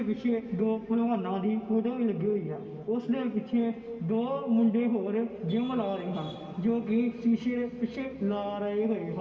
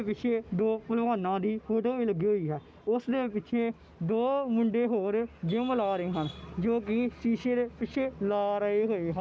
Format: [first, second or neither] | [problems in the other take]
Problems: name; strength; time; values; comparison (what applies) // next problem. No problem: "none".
second | room echo; dies away in 2.7 s